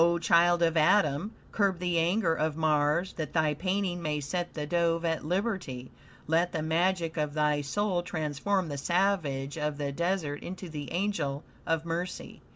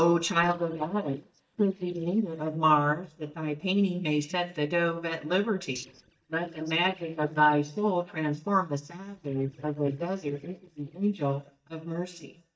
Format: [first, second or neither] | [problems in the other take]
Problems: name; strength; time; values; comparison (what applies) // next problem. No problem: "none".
first | noise reduction (neural mask model DeepFilterNet 3)